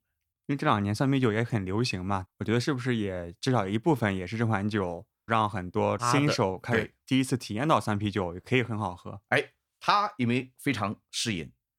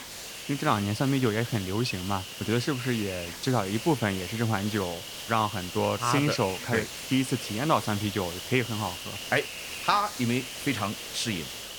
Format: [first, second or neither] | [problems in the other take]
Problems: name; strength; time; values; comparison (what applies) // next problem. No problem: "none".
first | hiss; loud; throughout; 8 dB below the speech